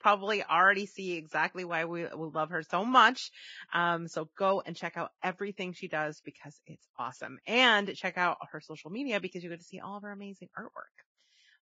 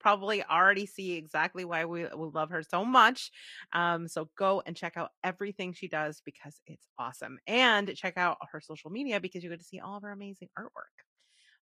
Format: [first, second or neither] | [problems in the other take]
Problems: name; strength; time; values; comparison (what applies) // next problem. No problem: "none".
second | garbled, watery; badly; nothing above 7.5 kHz; slightly in the second